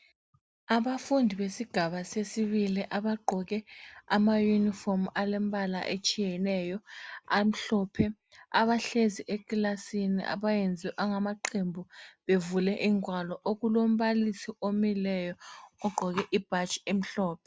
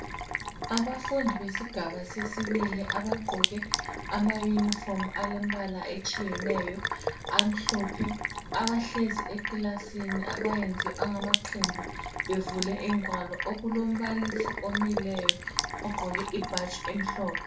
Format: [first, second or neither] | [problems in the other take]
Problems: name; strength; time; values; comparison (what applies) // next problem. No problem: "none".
first | background sound (Sink (filling or washing)); 2 dB below the speech // room echo; dies away in 0.3 s